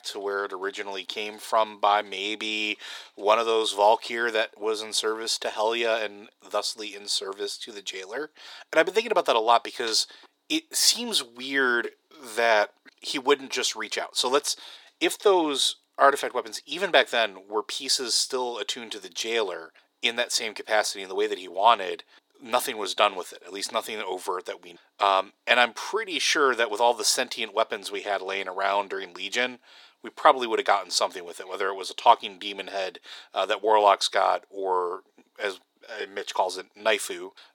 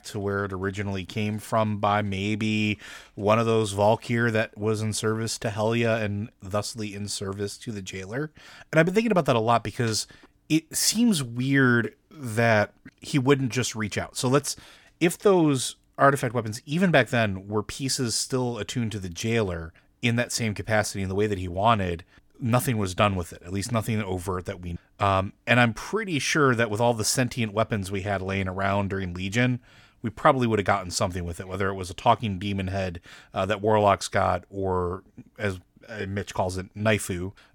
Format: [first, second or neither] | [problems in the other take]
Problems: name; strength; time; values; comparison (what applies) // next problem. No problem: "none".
second | thin; very; fading below 350 Hz